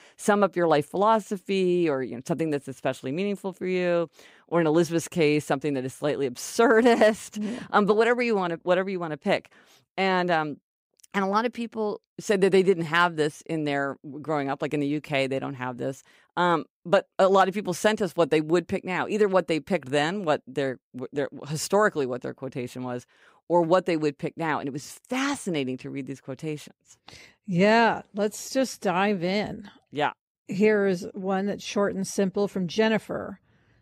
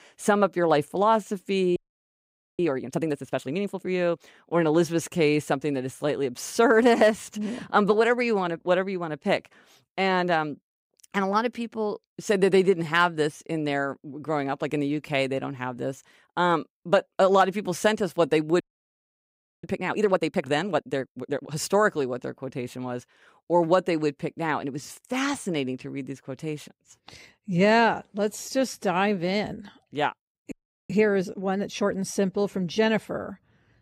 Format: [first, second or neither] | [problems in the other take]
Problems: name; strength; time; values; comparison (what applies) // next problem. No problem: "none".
first | audio freezing; at 2 s for 1 s, at 19 s for 1 s and at 31 s